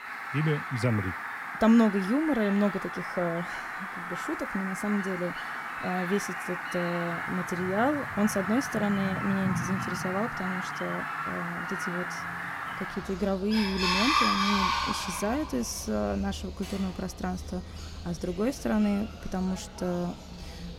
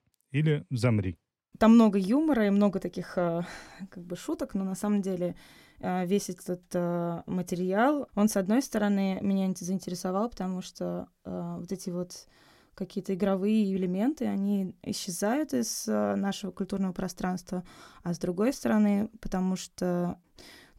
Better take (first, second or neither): second